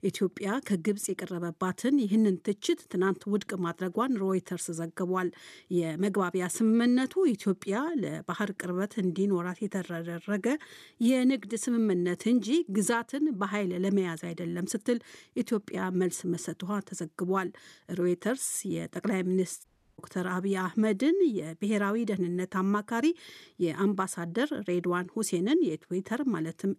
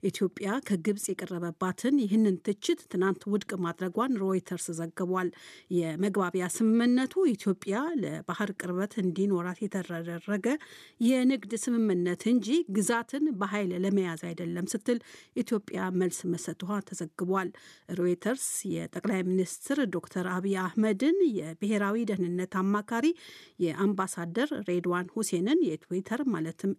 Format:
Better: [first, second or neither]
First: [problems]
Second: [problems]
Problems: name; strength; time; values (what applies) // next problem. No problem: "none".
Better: second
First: audio cutting out; at 20 s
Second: none